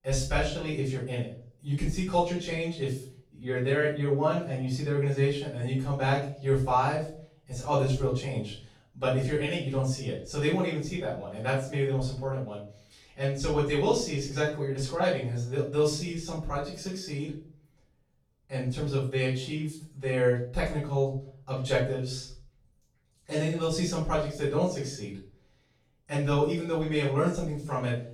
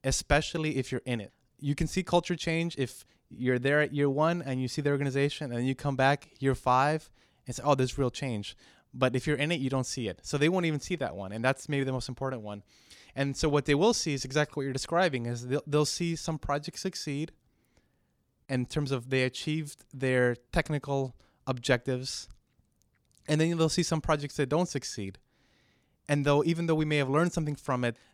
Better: second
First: off-mic speech; far // room echo; noticeable; dies away in 0.4 s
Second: none

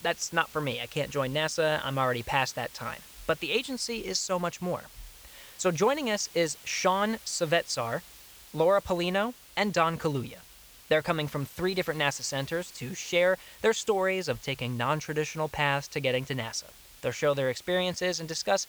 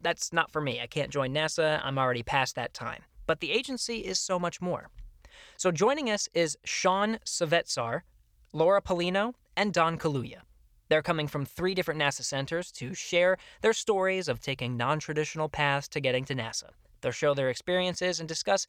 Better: second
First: hiss; noticeable; throughout; 20 dB below the speech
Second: none

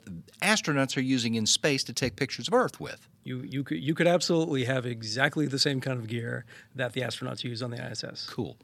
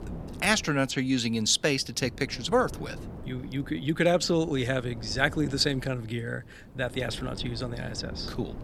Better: first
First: none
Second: wind noise on the microphone; occasional gusts; 20 dB below the speech

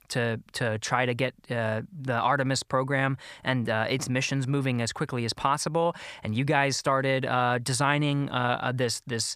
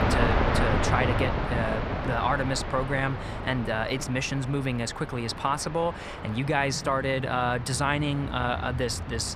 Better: first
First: none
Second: train or aircraft noise; loud; throughout; 3 dB below the speech

